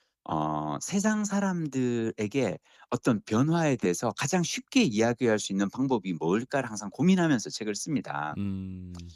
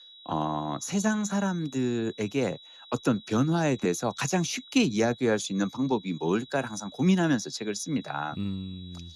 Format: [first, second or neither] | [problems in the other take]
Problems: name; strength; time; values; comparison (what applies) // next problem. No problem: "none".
first | high-pitched whine; noticeable; throughout; 4 kHz, 20 dB below the speech